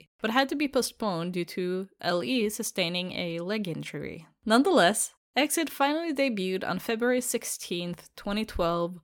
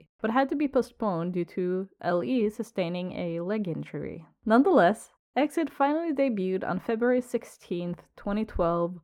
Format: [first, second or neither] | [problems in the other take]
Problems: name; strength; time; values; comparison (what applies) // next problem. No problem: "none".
first | muffled; very; fading above 2.5 kHz